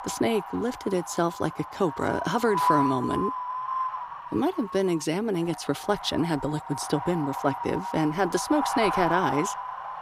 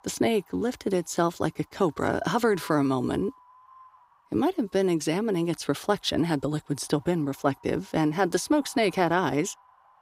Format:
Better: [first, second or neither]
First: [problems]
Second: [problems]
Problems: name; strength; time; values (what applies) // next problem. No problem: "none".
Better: second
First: wind noise on the microphone; heavy; 1 dB below the speech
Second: wind noise on the microphone; occasional gusts; 25 dB below the speech